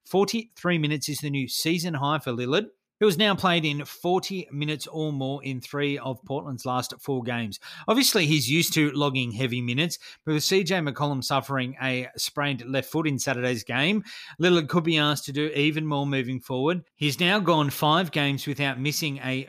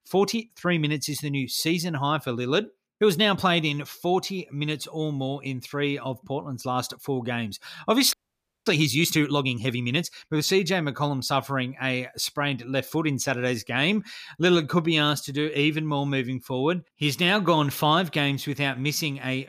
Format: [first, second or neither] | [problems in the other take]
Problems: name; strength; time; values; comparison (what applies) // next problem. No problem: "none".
first | audio freezing; at 8 s for 0.5 s